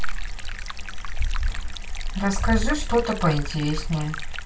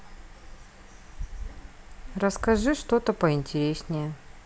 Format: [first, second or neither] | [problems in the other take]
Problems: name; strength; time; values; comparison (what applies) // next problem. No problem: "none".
second | background sound (Stream); 16 dB below the speech // room echo; dies away in 0.2 s